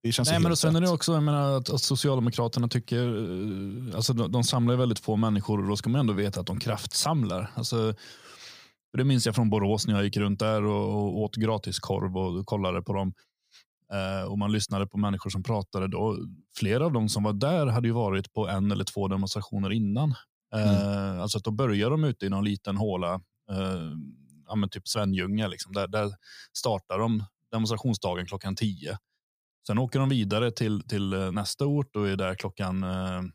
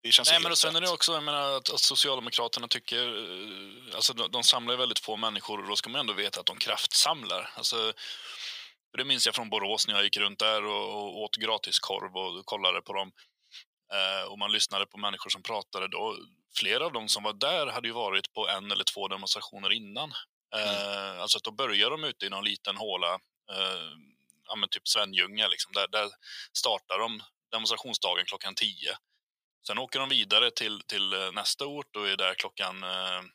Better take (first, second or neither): first